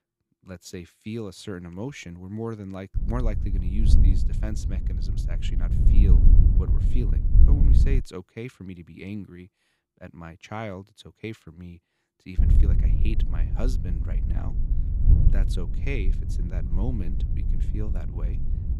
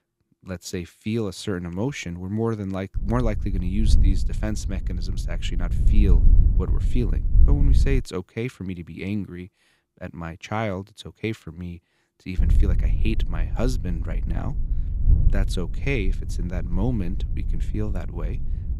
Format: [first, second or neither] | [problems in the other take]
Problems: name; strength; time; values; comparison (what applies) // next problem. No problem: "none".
second | wind noise on the microphone; heavy; from 3 to 8 s and from 12 s on; 2 dB below the speech; occasional gusts in the second